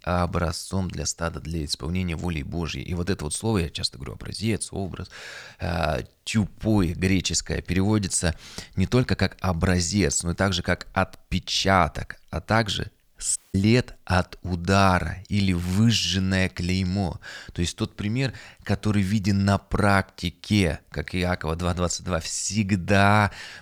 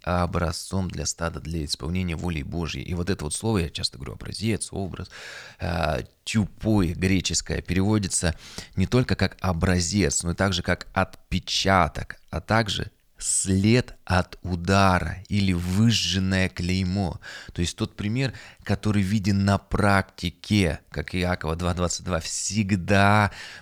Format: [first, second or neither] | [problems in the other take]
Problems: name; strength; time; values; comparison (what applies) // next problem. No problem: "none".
second | audio cutting out; at 13 s